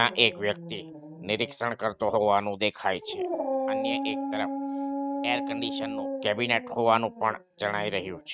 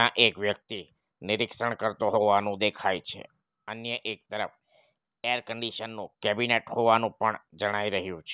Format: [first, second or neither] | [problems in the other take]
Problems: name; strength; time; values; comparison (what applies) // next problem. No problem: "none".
second | noise reduction (neural mask model RNNoise)